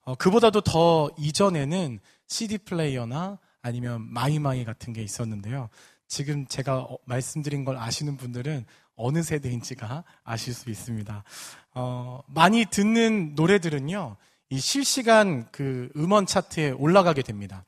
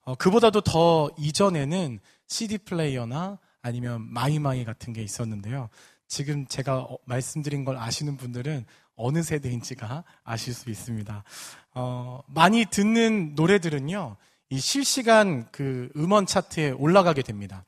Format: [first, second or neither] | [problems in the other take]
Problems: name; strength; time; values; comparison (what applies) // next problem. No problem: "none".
neither | none